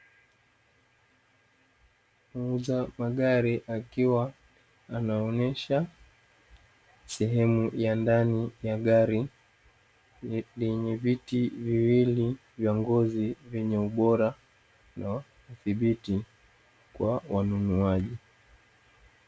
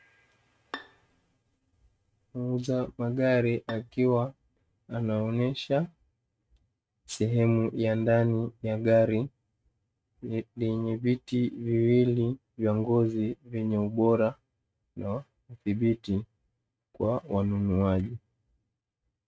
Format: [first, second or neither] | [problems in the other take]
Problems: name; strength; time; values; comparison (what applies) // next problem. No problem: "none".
first | noise reduction (neural mask model RNNoise)